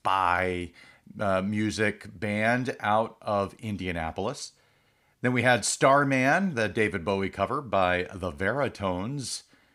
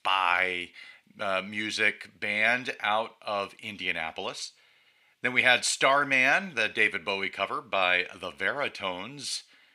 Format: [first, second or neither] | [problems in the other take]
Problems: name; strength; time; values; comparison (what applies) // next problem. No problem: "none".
first | thin; somewhat; fading below 550 Hz